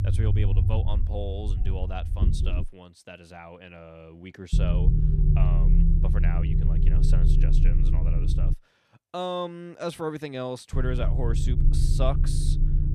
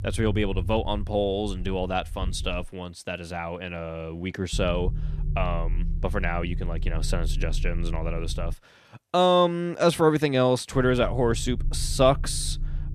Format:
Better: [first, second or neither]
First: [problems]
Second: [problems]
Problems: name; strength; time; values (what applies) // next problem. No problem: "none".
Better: second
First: low rumble; loud; until 2.5 s, from 4.5 to 8.5 s and from 11 s on; 4 dB below the speech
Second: low rumble; faint; until 2.5 s, from 4.5 to 8.5 s and from 11 s on; 20 dB below the speech